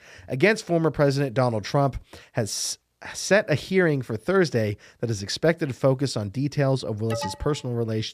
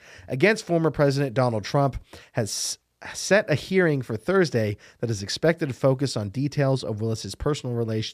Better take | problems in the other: second | alarm; noticeable; at 7 s; peak 8 dB below the speech

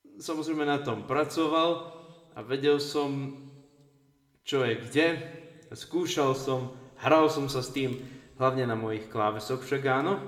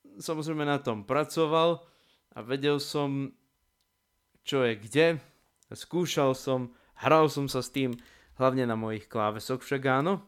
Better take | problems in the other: second | room echo; slight; dies away in 1.2 s

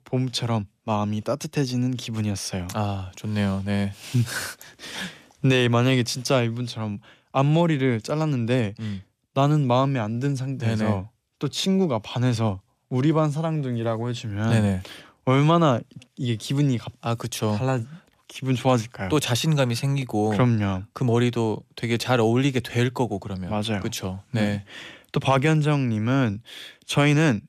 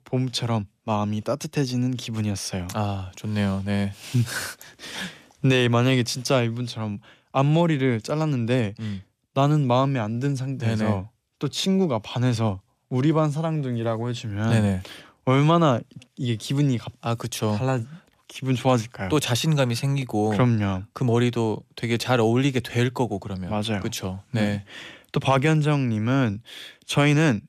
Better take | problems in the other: neither | none

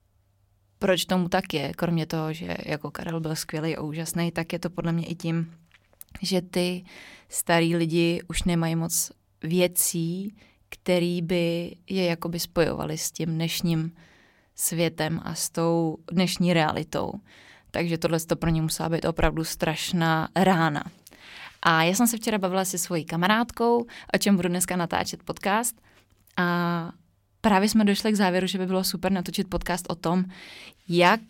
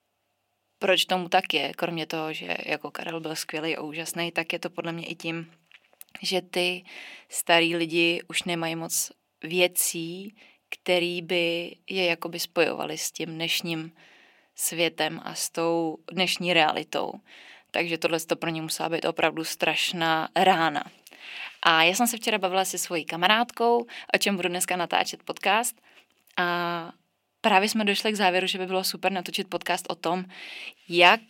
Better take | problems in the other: first | thin; somewhat; fading below 300 Hz

